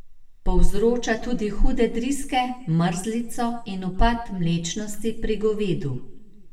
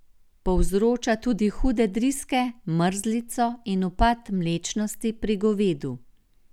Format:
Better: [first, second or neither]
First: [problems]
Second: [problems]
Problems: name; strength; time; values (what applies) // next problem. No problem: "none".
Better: second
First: room echo; dies away in 0.6 s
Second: none